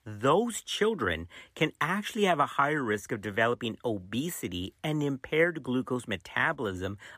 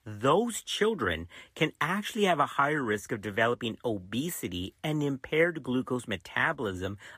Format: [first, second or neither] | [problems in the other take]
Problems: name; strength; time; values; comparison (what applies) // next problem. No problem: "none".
first | garbled, watery; slightly; nothing above 14.5 kHz